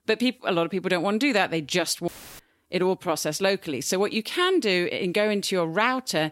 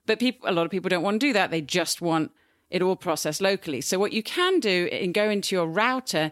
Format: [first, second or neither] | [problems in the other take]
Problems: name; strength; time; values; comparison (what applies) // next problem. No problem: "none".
second | audio cutting out; filled with static; at 2 s